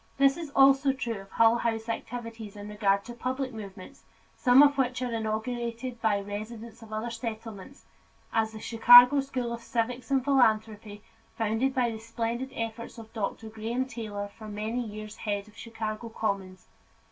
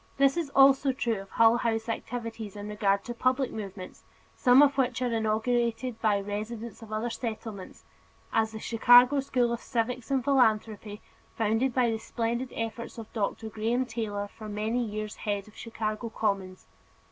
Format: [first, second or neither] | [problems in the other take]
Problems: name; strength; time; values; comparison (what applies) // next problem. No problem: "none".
second | room echo; dies away in 0.2 s